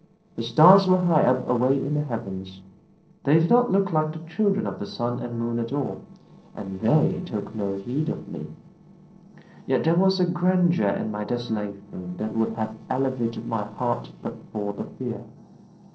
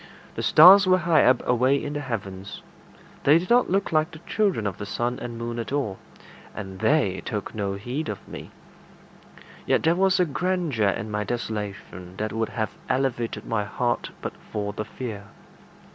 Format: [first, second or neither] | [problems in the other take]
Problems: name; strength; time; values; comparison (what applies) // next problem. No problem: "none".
second | noise reduction (neural separator model SepFormer DNS4)